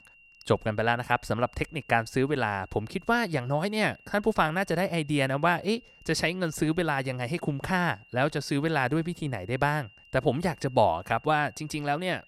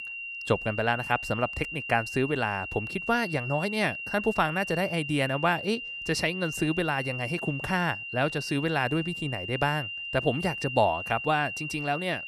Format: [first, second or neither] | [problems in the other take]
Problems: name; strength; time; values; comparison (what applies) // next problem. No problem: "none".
first | high-pitched whine; loud; throughout; 3 kHz, 6 dB below the speech; faint in the first